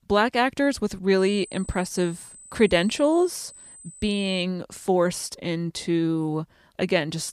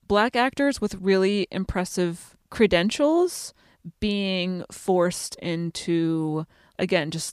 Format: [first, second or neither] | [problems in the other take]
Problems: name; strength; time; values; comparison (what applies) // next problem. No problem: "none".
second | high-pitched whine; noticeable; from 1 to 4.5 s; 8 kHz, 20 dB below the speech